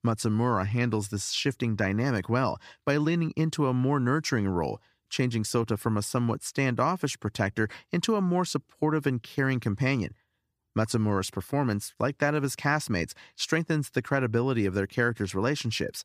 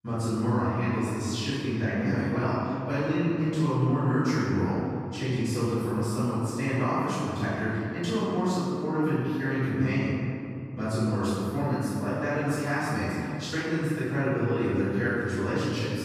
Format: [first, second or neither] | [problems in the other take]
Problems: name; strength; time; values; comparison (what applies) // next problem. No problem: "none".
first | room echo; strong; dies away in 2.6 s // off-mic speech; far